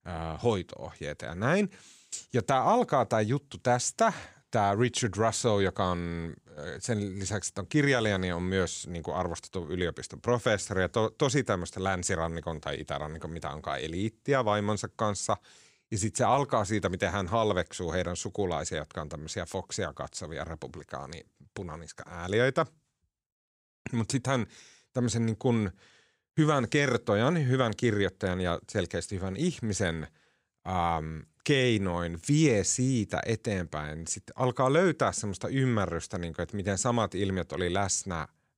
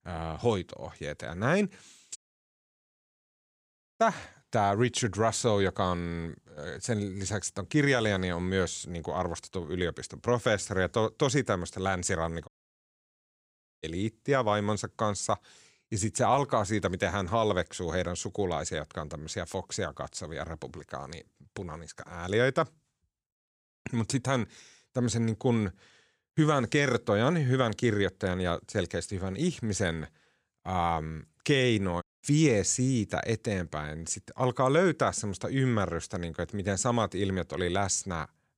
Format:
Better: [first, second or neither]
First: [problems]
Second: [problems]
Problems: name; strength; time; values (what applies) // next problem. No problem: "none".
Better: first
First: none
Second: audio cutting out; at 2 s for 2 s, at 12 s for 1.5 s and at 32 s